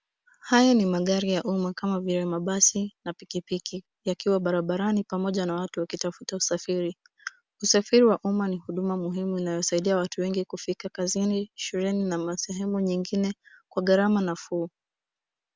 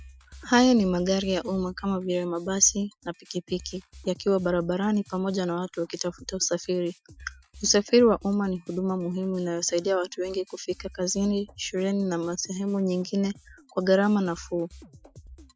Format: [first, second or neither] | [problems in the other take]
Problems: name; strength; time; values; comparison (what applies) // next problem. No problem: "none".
first | noise reduction (classical method Wiener filter)